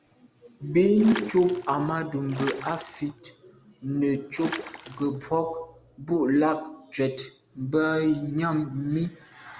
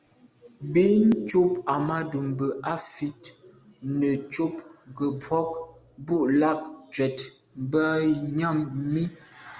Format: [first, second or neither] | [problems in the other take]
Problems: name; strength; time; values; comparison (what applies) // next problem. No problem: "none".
second | background sound (Water / Splash, splatter); 12 dB below the speech